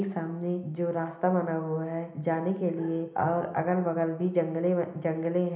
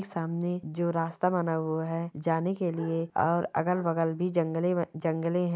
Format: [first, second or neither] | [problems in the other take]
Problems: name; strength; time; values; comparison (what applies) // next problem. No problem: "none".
second | room echo; dies away in 1 s